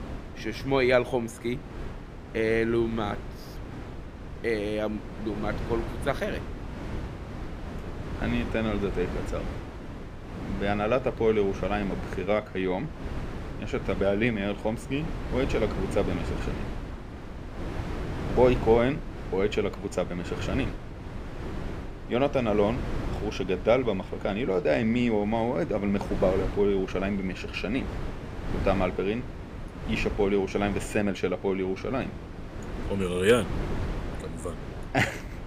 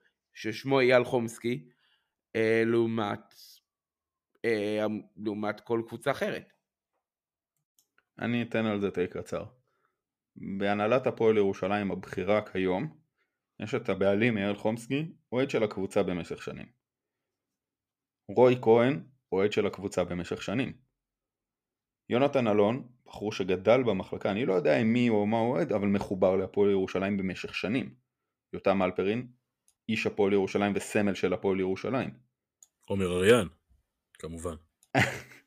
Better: second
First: wind noise on the microphone; occasional gusts; 10 dB below the speech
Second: none

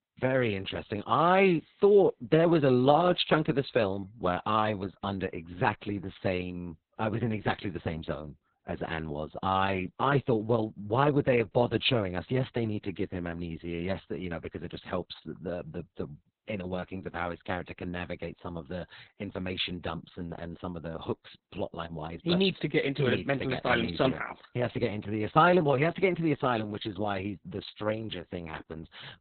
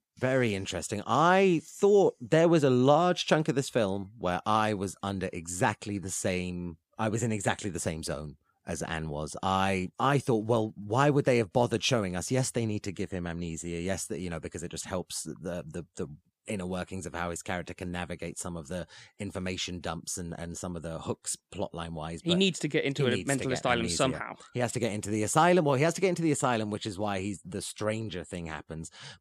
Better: second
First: garbled, watery; badly; nothing above 4 kHz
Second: none

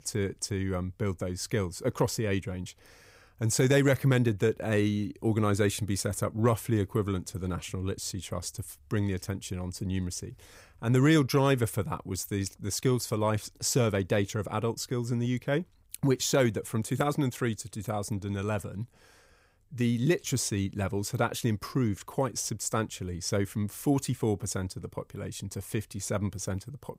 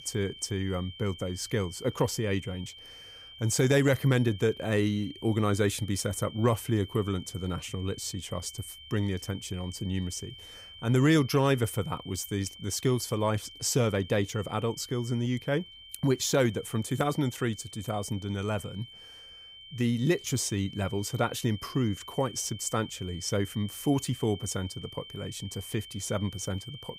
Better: first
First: none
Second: high-pitched whine; noticeable; throughout; 3 kHz, 15 dB below the speech

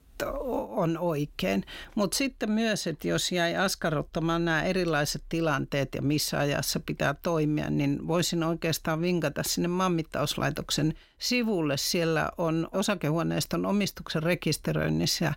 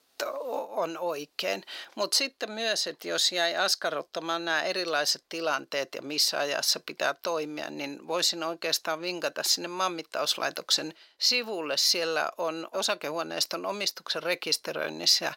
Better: first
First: none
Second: thin; very; fading below 550 Hz

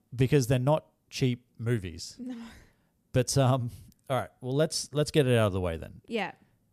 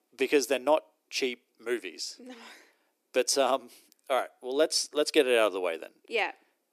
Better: first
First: none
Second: thin; very; fading below 300 Hz

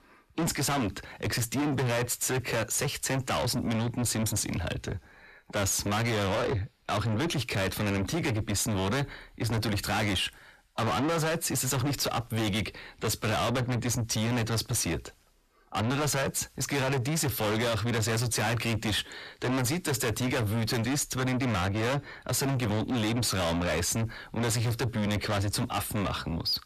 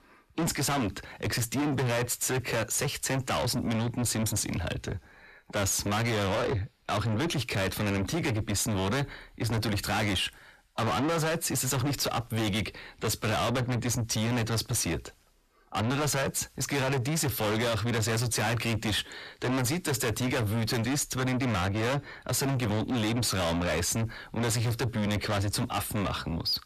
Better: neither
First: distortion; heavy; 5 dB below the speech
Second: distortion; heavy; 5 dB below the speech

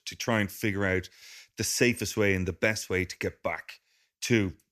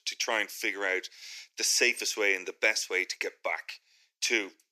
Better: first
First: none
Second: thin; very; fading below 350 Hz

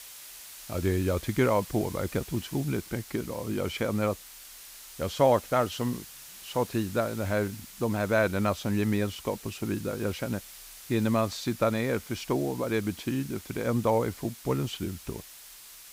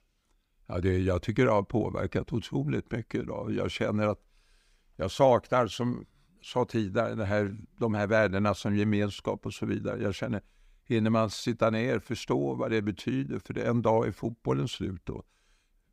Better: second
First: hiss; noticeable; throughout; 15 dB below the speech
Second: none

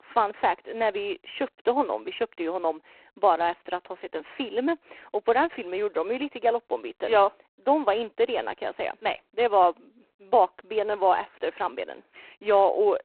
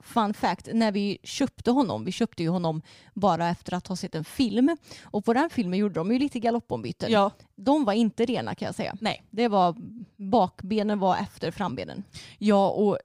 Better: second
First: phone-call audio; poor line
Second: none

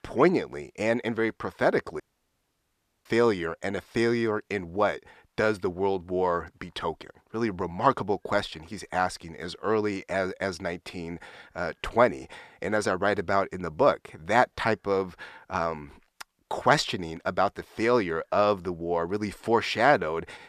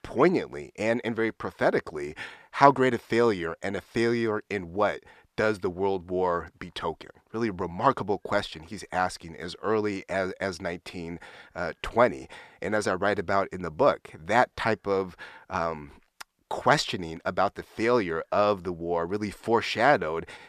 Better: second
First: audio cutting out; at 2 s for 1 s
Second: none

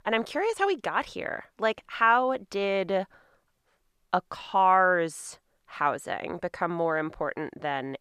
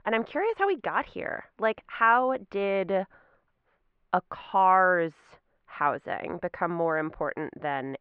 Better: first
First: none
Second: muffled; very; fading above 2.5 kHz

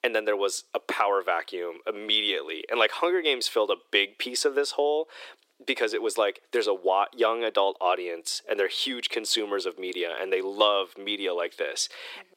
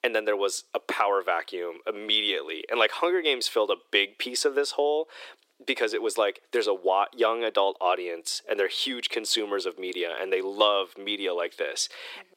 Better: neither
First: thin; very; fading below 350 Hz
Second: thin; very; fading below 350 Hz

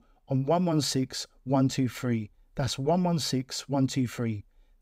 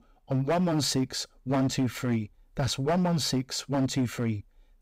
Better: first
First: none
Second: distortion; slight; 10% of the sound clipped

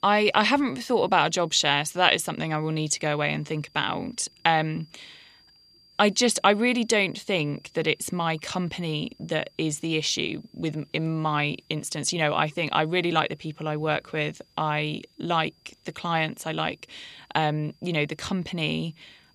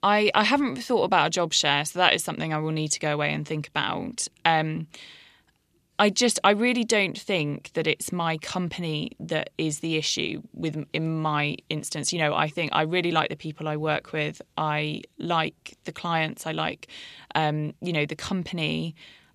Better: second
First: high-pitched whine; faint; throughout; 4.5 kHz, 35 dB below the speech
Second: none

